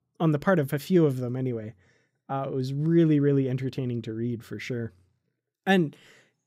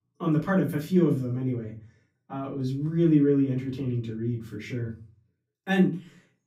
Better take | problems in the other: first | off-mic speech; far // room echo; slight; dies away in 0.3 s

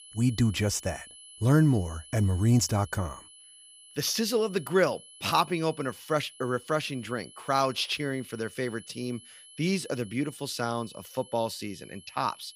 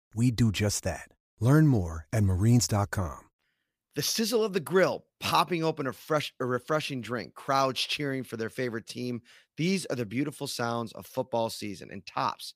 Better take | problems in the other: second | high-pitched whine; noticeable; throughout; 3 kHz, 20 dB below the speech

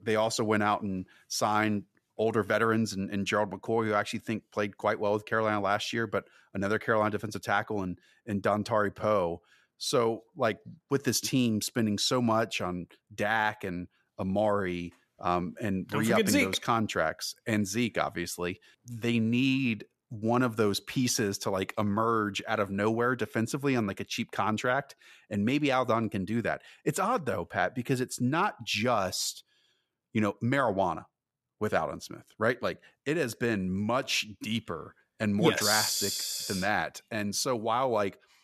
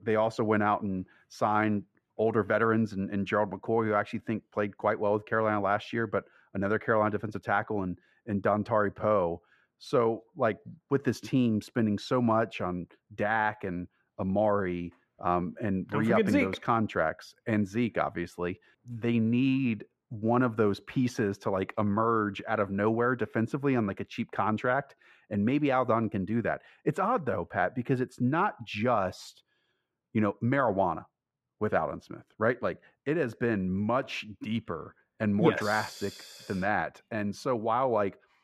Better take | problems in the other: first | muffled; very; fading above 3 kHz

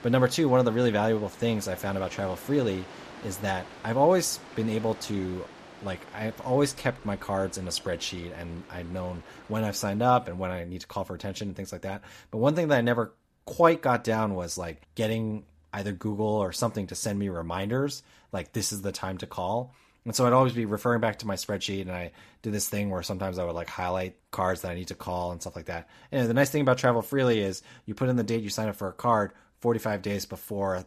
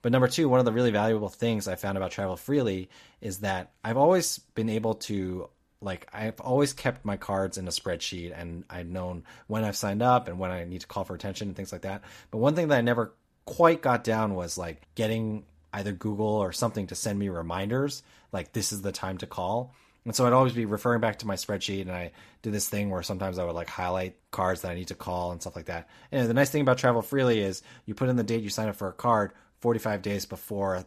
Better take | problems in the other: second | rain or running water; noticeable; until 10 s; 20 dB below the speech

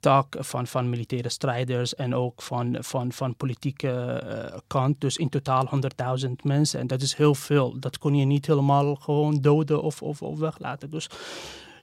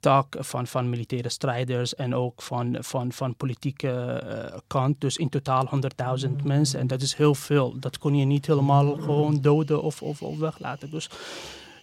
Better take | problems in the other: first | animal sounds; loud; from 6 s on; 6 dB below the speech

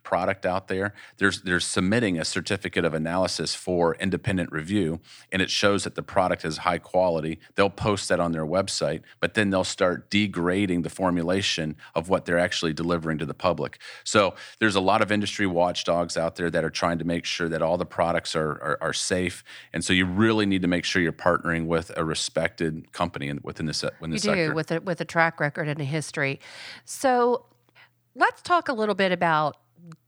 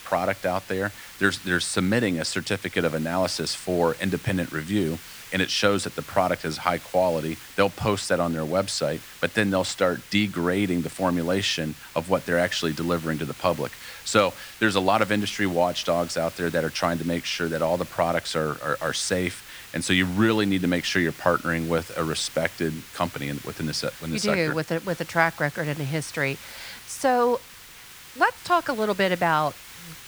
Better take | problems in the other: first | hiss; noticeable; throughout; 15 dB below the speech

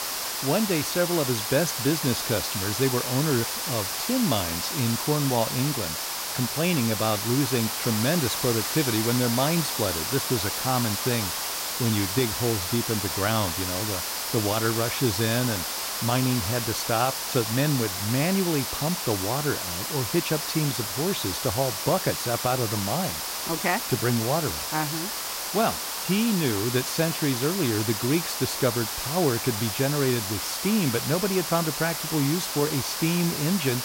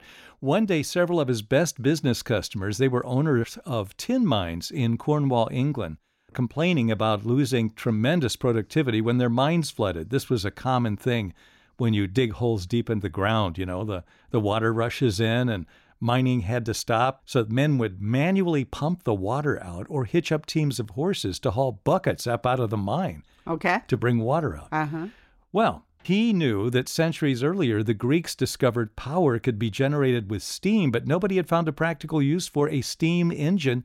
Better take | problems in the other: second | hiss; loud; throughout; 1 dB below the speech

